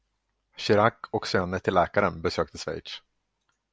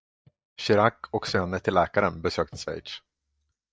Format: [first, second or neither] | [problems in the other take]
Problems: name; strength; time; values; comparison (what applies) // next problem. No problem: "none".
first | noise reduction (neural mask model DeepFilterNet 3)